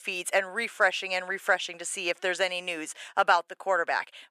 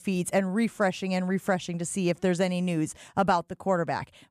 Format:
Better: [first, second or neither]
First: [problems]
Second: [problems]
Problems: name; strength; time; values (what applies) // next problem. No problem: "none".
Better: second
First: thin; very; fading below 450 Hz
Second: none